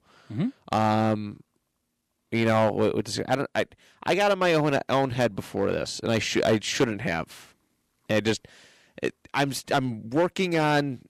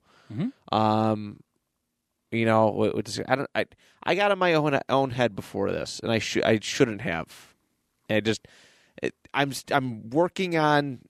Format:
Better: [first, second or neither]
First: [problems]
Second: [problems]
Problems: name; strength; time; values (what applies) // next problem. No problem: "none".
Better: second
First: distortion; slight; 3% of the sound clipped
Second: none